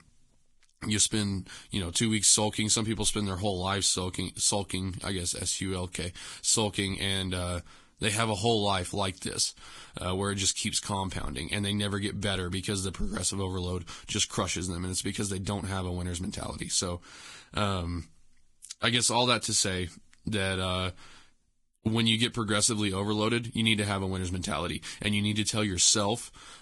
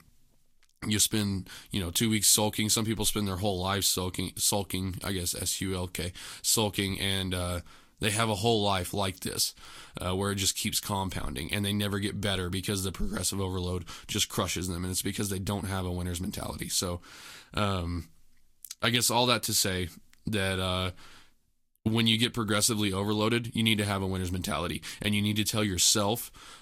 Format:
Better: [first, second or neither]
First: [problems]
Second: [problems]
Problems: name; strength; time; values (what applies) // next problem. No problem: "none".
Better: second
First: garbled, watery; badly; nothing above 10.5 kHz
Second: garbled, watery; slightly; nothing above 14.5 kHz